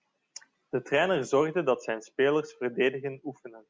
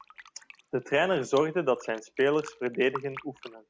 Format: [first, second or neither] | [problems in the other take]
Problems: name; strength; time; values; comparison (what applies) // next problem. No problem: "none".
first | background sound (Fill (with liquid)); 18 dB below the speech